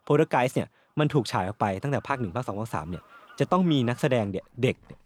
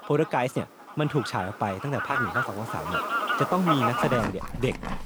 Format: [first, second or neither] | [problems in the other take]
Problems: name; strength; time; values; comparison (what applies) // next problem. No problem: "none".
first | animal sounds; loud; throughout; 1 dB below the speech; faint in the first